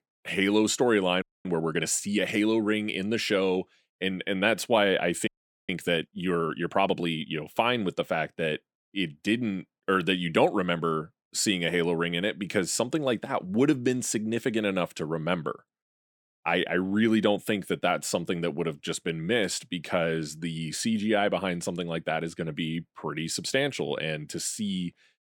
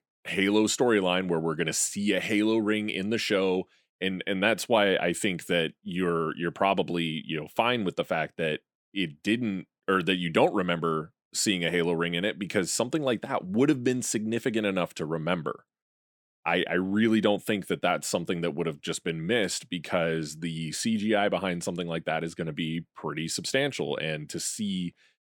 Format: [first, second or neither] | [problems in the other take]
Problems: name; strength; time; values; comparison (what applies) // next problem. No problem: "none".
second | audio freezing; at 1 s and at 5.5 s